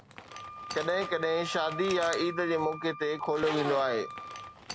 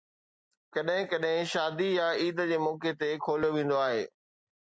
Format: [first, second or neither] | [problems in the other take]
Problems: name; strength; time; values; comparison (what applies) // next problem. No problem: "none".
second | background sound (Wind instrument, woodwind instrument + Zipper (clothing)); 9 dB below the speech